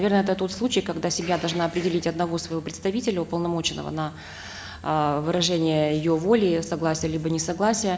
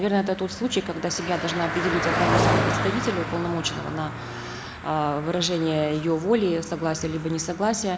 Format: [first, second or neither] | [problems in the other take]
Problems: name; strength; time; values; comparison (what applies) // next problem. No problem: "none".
first | background sound (Car passing by); 4 dB below the speech